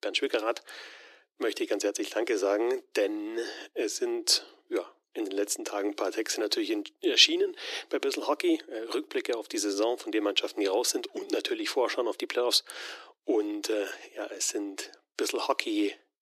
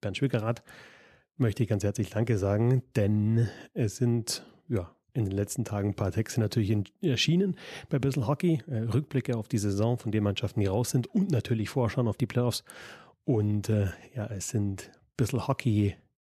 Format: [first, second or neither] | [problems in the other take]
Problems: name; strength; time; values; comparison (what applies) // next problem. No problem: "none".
second | thin; very; fading below 300 Hz